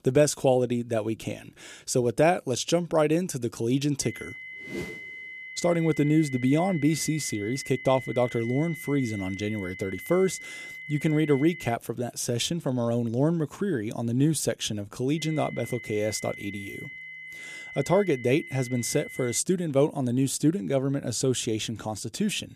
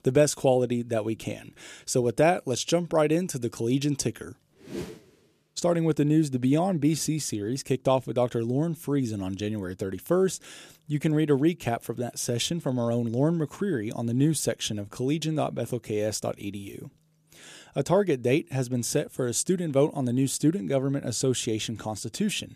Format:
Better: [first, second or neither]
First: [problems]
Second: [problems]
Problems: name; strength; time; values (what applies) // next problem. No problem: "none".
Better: second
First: high-pitched whine; noticeable; from 4 to 12 s and from 15 to 19 s; 2 kHz, 10 dB below the speech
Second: none